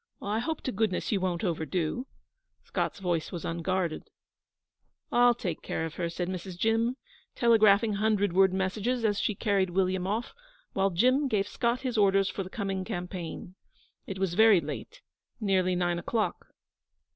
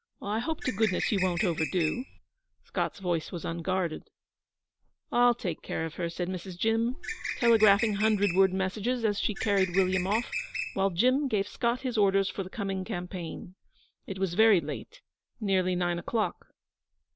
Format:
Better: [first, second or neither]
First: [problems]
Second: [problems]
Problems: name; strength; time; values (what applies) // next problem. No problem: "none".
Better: first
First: none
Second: background sound (Bird); 6 dB below the speech